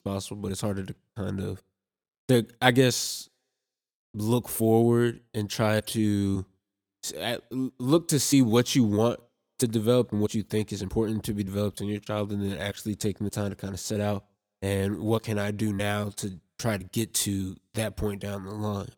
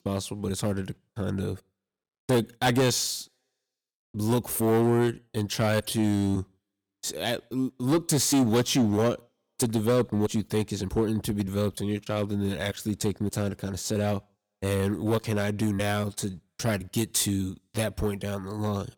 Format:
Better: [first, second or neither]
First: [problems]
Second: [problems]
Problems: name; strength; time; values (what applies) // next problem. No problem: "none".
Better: first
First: none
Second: distortion; slight; 5% of the sound clipped